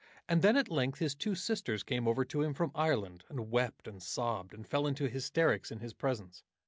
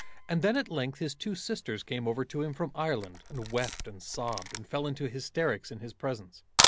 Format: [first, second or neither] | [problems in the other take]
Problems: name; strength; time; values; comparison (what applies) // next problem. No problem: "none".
first | background sound (Camera); 3 dB below the speech